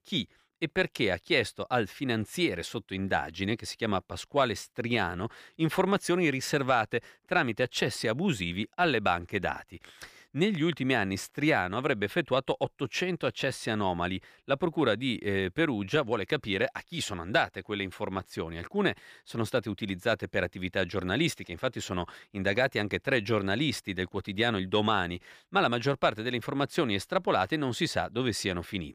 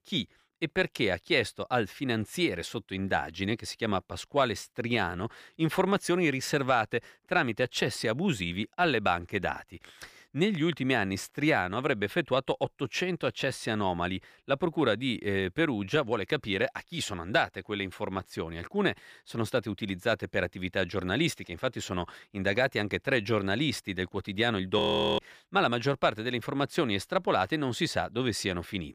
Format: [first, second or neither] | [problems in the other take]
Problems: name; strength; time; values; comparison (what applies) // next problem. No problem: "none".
first | audio freezing; at 25 s